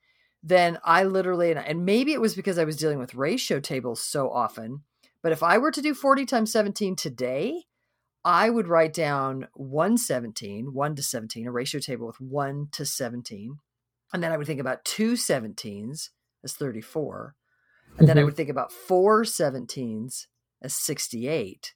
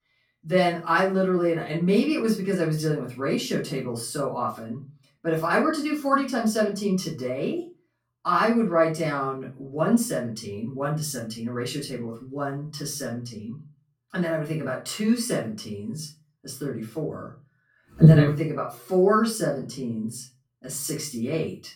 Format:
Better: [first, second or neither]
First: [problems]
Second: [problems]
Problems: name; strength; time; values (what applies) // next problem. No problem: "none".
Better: first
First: none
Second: off-mic speech; far // room echo; slight; dies away in 0.3 s